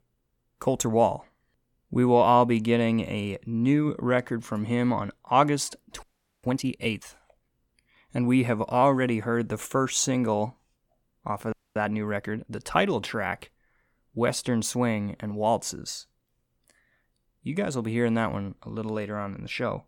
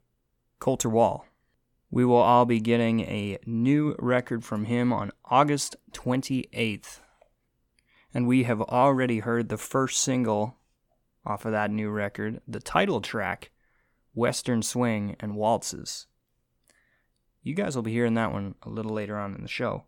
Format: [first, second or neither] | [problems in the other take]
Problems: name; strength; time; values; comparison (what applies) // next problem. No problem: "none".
second | audio freezing; at 6 s and at 12 s